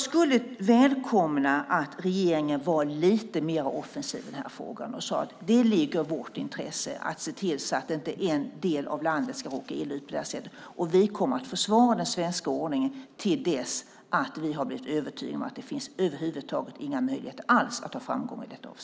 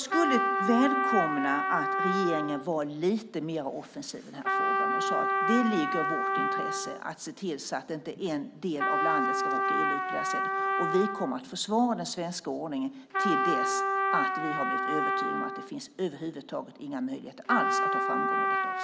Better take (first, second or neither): first